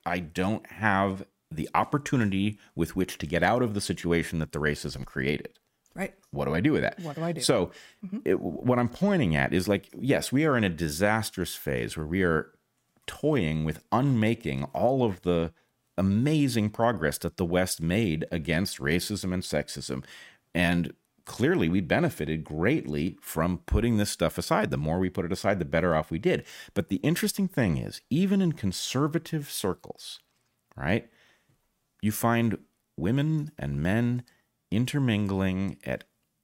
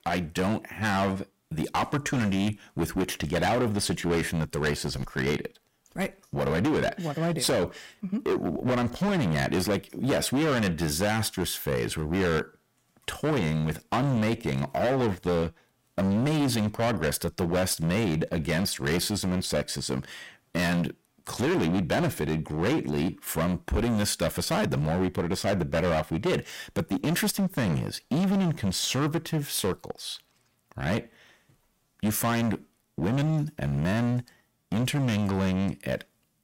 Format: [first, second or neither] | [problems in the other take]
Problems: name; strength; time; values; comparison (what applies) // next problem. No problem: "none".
first | distortion; heavy; 18% of the sound clipped